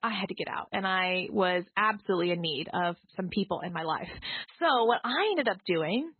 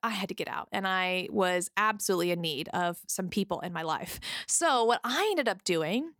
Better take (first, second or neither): second